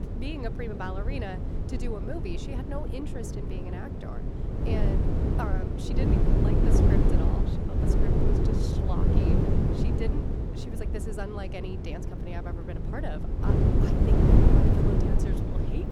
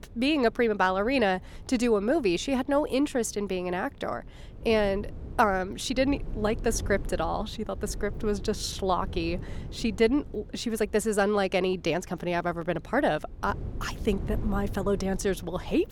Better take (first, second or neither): second